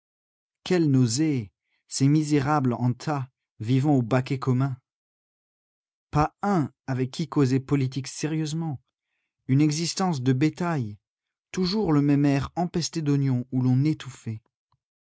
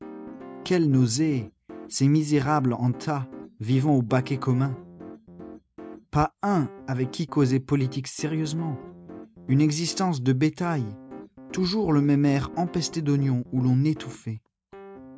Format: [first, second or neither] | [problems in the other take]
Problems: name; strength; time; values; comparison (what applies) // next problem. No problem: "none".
first | background sound (Piano); 17 dB below the speech